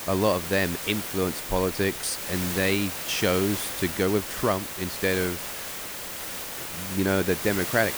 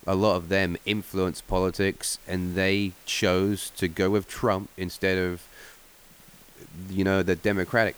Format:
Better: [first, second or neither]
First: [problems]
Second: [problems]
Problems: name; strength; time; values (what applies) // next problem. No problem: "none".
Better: second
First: hiss; loud; throughout; 5 dB below the speech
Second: hiss; faint; throughout; 25 dB below the speech